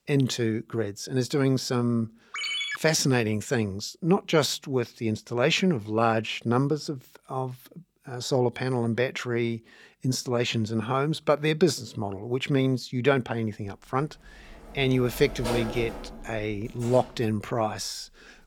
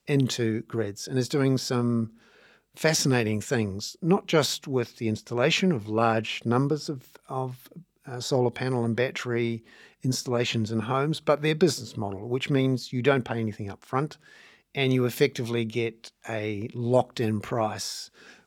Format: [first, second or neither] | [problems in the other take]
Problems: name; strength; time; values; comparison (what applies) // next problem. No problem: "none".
second | phone ringing; noticeable; at 2.5 s; peak 1 dB below the speech // door banging; noticeable; from 14 to 18 s; peak 5 dB below the speech